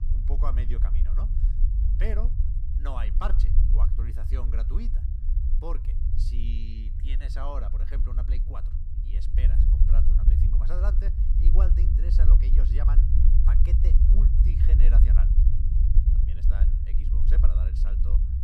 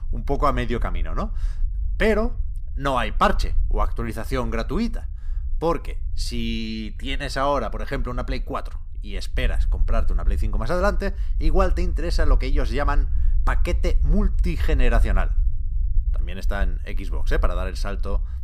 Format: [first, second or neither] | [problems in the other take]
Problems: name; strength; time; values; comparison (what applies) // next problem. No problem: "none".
second | low rumble; loud; throughout; 2 dB below the speech; faint in the second